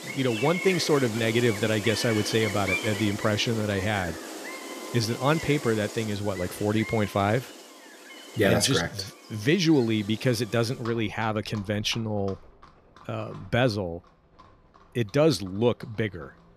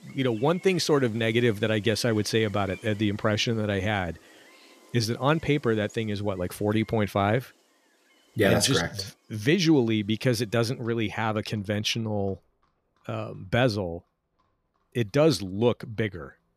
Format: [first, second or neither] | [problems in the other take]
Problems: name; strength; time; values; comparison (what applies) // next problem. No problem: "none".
second | animal sounds; loud; throughout; 9 dB below the speech; faint in the second